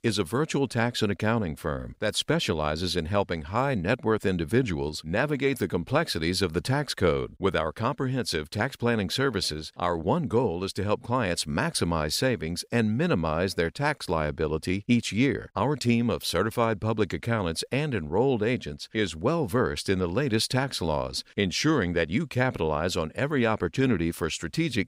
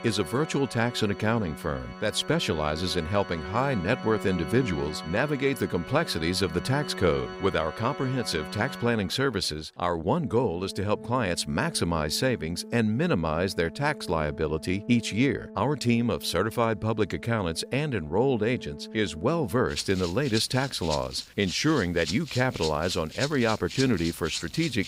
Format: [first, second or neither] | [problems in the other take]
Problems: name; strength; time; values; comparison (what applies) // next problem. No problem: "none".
first | background music; noticeable; throughout; 10 dB below the speech